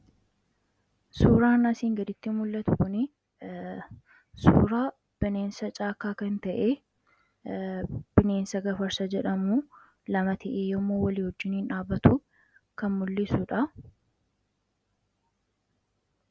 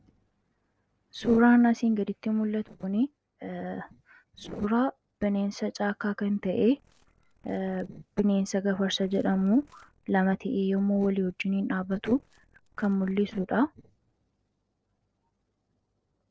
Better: first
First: none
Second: noise reduction (neural separator model SepFormer DNS4)

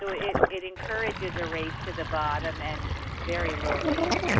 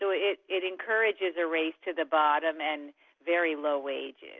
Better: second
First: background sound (Sink (filling or washing)); 4 dB above the speech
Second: none

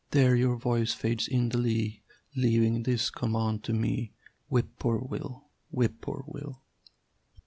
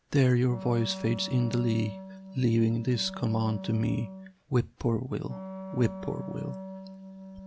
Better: first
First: none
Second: background sound (Wind instrument, woodwind instrument); 12 dB below the speech

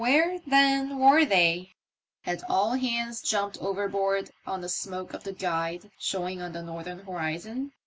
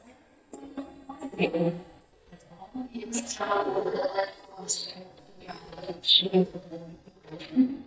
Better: first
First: none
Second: noise reduction (neural mask model DeepFilterNet 3)

